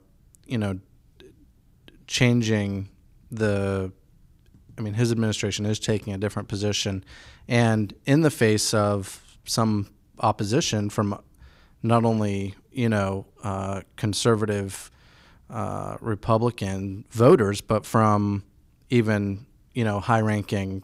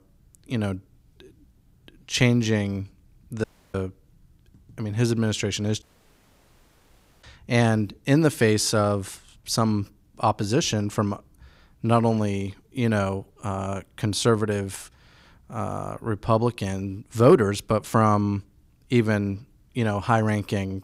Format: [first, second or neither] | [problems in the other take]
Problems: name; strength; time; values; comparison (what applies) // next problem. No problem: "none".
first | audio cutting out; at 3.5 s and at 6 s for 1.5 s